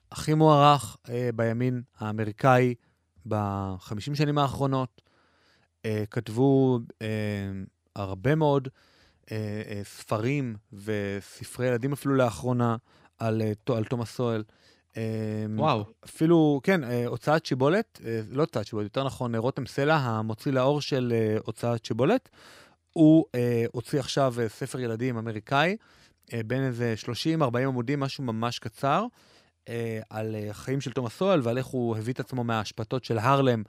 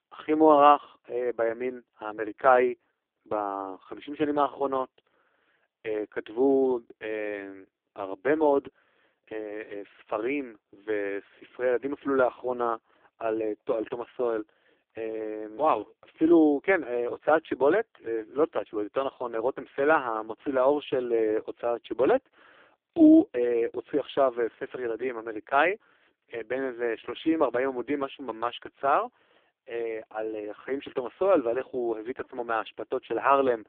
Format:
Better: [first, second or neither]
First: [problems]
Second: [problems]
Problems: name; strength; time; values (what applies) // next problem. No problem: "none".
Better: first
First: none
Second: phone-call audio; poor line